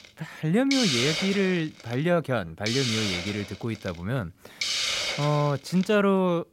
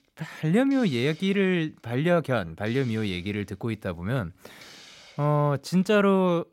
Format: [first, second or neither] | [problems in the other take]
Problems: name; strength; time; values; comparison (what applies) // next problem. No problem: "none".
second | hiss; loud; throughout; 2 dB below the speech; faint in the second